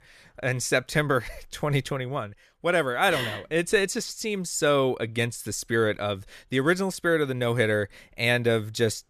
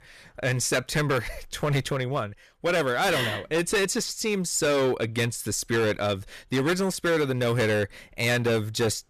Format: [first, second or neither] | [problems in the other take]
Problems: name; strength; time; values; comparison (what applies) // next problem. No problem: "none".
first | distortion; heavy; 13% of the sound clipped